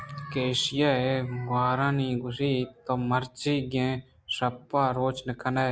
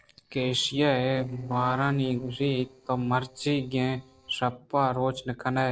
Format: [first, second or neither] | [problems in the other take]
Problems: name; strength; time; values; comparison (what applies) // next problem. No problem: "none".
first | noise reduction (neural separator model SepFormer DNS4)